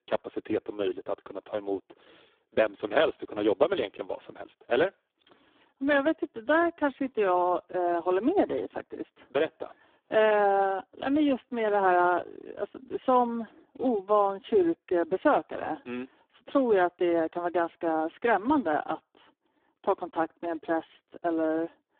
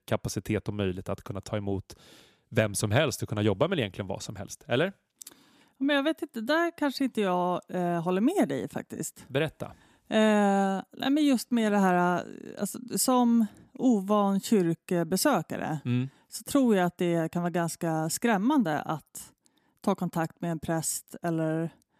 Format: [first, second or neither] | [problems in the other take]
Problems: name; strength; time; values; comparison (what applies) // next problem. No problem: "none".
second | phone-call audio; poor line